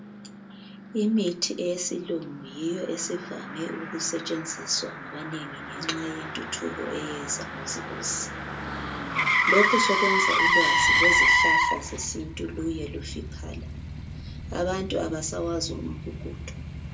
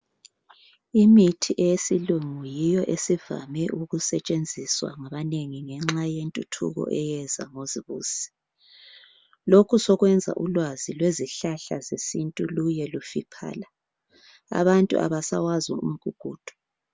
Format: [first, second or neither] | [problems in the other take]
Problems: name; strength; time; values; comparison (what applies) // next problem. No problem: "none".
second | background sound (Motor vehicle (road)); 3 dB above the speech // room echo; dies away in 0.2 s